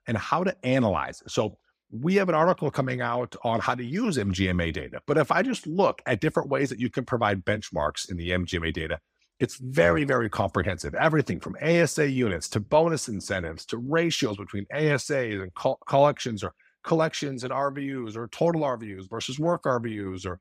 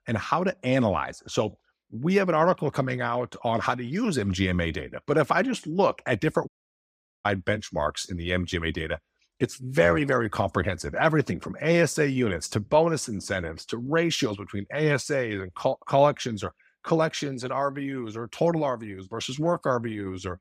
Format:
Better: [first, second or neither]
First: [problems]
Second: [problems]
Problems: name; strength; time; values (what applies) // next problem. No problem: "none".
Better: first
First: none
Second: audio cutting out; at 6.5 s for 1 s